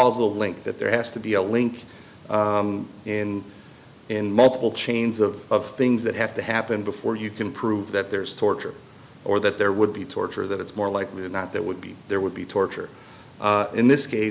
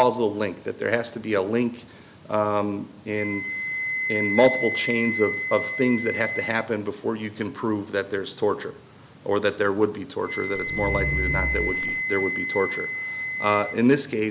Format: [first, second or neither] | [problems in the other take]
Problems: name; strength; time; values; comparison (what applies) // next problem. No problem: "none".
first | background sound (Growling + Wind instrument, woodwind instrument); 5 dB below the speech